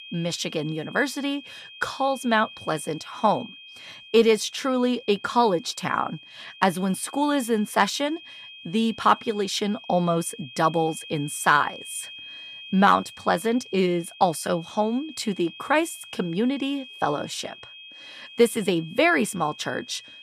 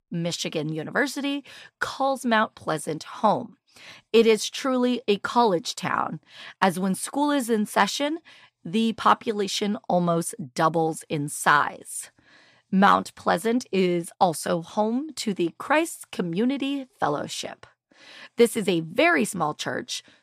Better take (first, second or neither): second